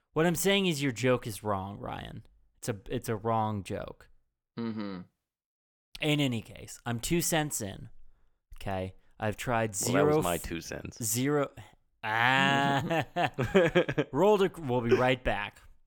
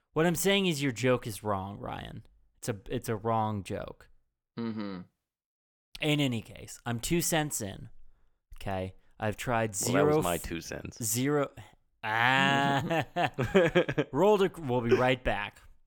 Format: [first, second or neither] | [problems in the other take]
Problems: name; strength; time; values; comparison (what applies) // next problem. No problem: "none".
neither | none